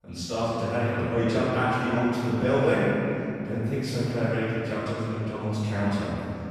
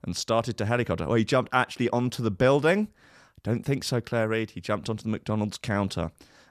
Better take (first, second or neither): second